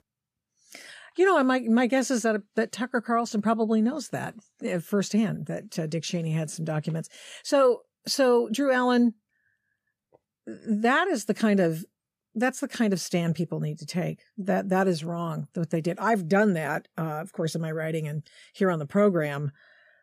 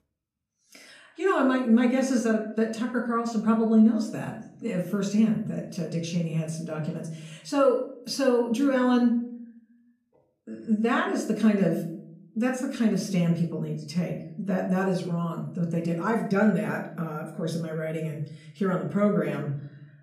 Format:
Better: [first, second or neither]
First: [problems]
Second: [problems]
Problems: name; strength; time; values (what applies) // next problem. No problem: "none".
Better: first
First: none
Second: off-mic speech; far // room echo; slight; dies away in 0.6 s